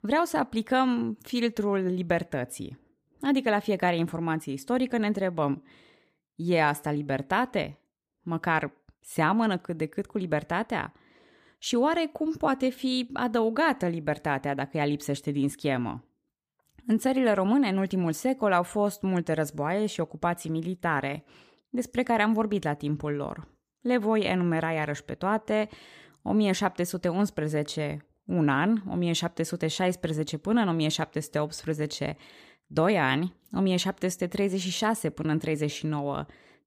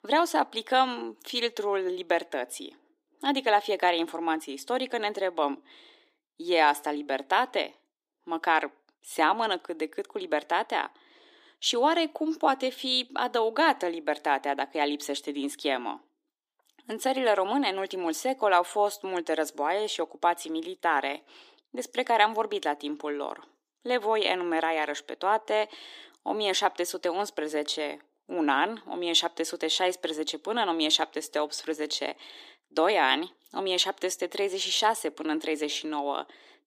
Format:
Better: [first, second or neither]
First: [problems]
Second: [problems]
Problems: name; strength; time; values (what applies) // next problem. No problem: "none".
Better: first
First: none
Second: thin; somewhat; fading below 300 Hz